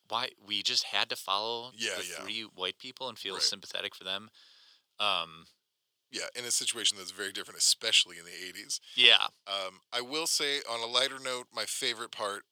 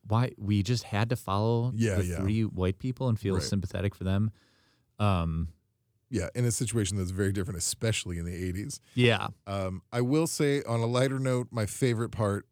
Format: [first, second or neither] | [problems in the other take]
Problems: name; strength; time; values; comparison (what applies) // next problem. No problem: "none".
second | thin; very; fading below 750 Hz